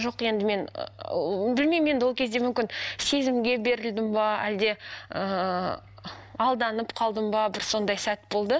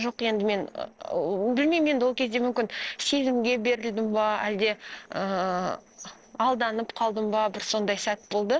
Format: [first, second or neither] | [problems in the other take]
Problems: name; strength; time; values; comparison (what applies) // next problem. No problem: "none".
first | noise reduction (neural separator model SepFormer DNS4)